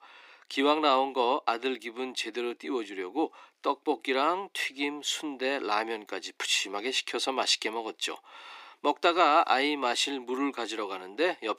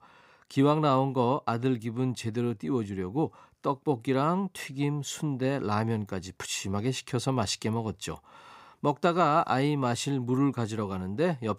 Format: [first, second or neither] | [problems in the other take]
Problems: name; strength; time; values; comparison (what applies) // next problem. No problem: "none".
second | thin; somewhat; fading below 300 Hz